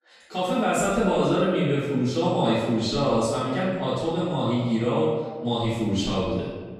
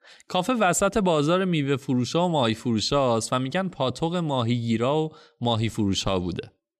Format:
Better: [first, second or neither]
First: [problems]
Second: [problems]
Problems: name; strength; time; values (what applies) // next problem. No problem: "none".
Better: second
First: off-mic speech; far // room echo; strong; dies away in 1.3 s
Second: none